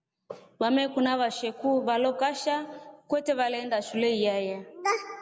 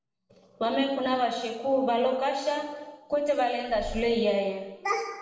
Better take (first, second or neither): first